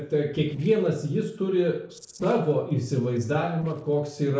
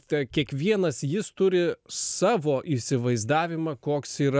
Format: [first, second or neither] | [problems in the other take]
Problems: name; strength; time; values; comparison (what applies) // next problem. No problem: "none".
second | noise reduction (neural separator model SepFormer DNS4)